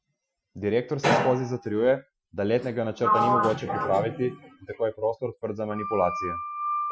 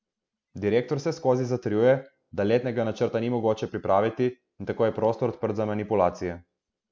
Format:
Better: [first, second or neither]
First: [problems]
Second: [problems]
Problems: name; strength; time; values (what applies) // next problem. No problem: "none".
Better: second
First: noise reduction (classical method Wiener filter)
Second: none